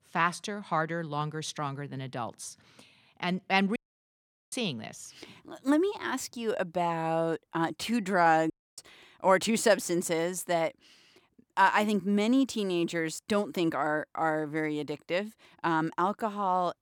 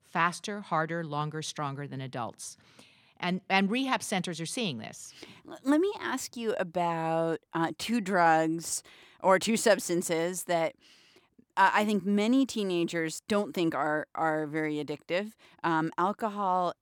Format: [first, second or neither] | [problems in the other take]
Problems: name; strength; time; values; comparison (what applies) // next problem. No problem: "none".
second | audio cutting out; at 4 s for 1 s and at 8.5 s